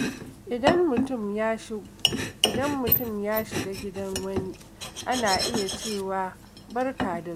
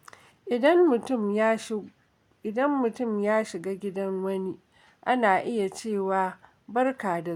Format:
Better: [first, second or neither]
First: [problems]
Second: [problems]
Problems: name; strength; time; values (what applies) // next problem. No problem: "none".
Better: second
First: background sound (Domestic sounds, home sounds); 1 dB below the speech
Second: none